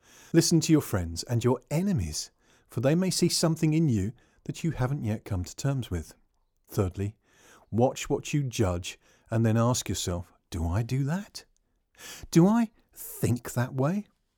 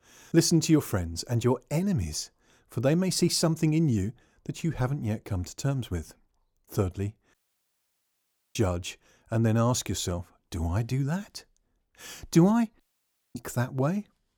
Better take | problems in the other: first | audio cutting out; at 7.5 s for 1 s and at 13 s for 0.5 s

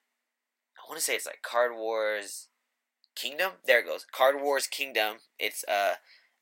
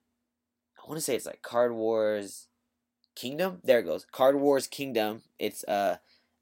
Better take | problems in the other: second | thin; somewhat; fading below 750 Hz

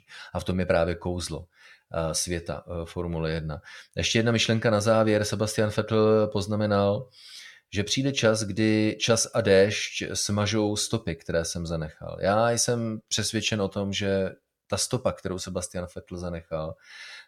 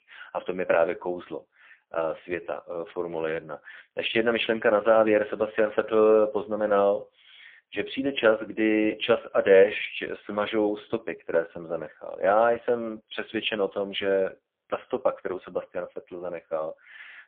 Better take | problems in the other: first | phone-call audio; poor line; nothing above 3.5 kHz

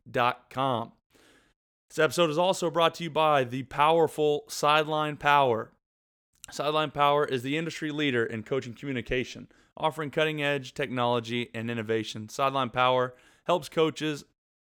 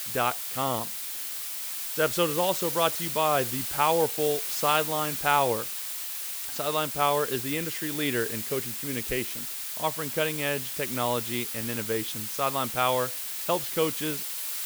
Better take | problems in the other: first | hiss; loud; throughout; 2 dB below the speech

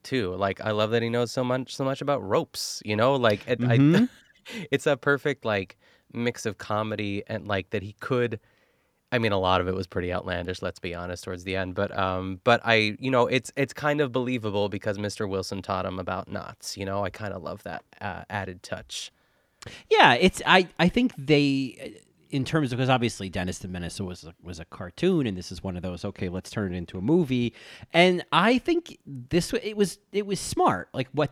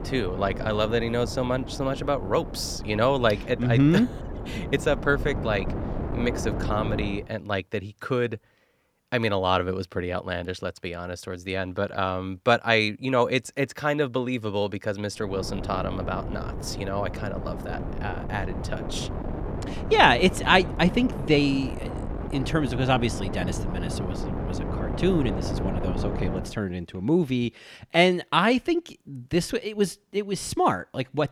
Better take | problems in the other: first | wind noise on the microphone; occasional gusts; until 7 s and from 15 to 26 s; 10 dB below the speech

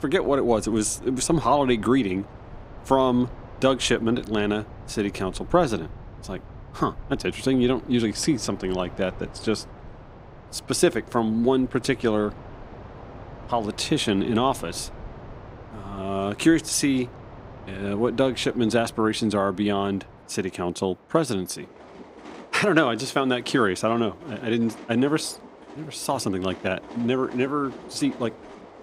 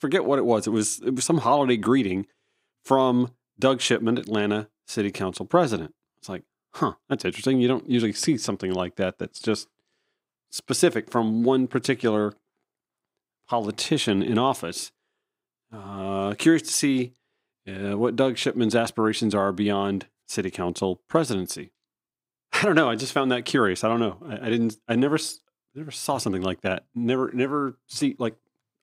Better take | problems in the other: second | train or aircraft noise; noticeable; throughout; 20 dB below the speech

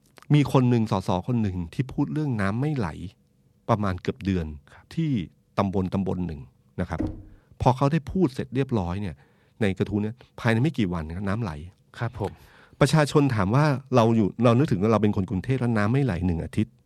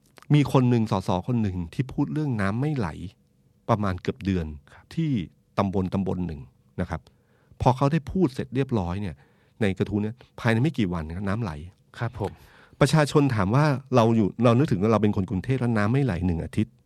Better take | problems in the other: second | door banging; noticeable; at 7 s; peak 8 dB below the speech

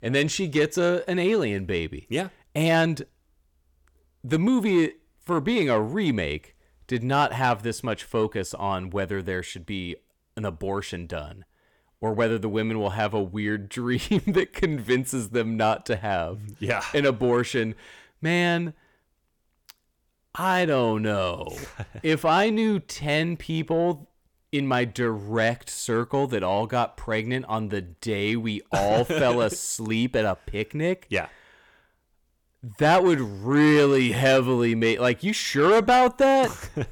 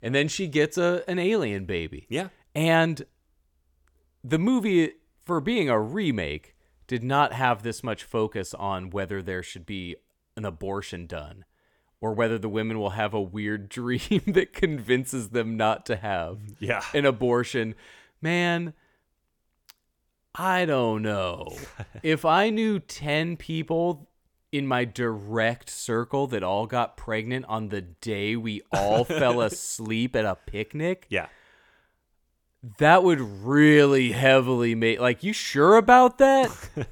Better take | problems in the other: second | distortion; slight; 10 dB below the speech

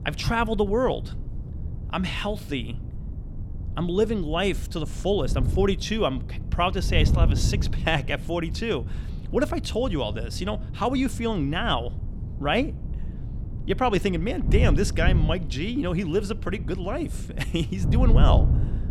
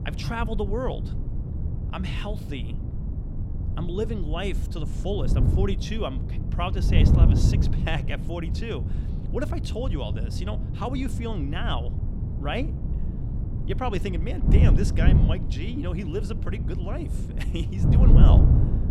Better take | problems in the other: first | wind noise on the microphone; heavy; 4 dB below the speech; occasional gusts in the first

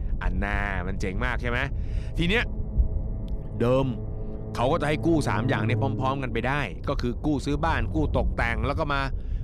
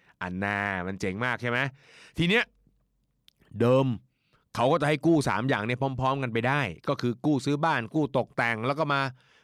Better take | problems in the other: second | low rumble; noticeable; throughout; 15 dB below the speech

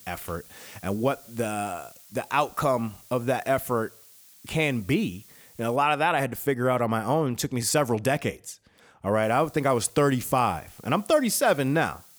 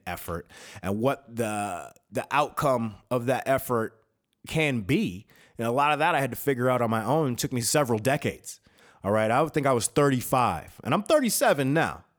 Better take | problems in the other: second | hiss; faint; until 6 s and from 9 s on; 25 dB below the speech

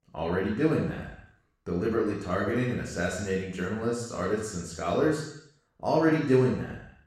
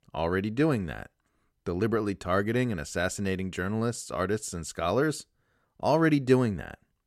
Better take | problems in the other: second | room echo; noticeable; dies away in 0.7 s // off-mic speech; far

